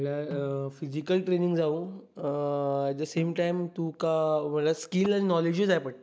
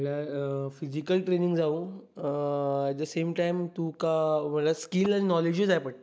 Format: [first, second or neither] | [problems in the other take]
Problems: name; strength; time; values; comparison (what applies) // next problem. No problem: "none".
second | background sound (Snare drum); 19 dB below the speech